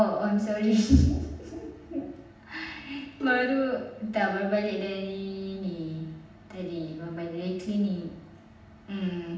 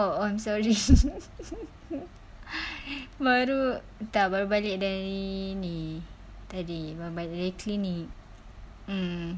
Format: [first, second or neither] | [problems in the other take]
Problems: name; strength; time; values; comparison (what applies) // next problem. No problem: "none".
second | background sound (Bowed string instrument); 14 dB below the speech // room echo; dies away in 0.8 s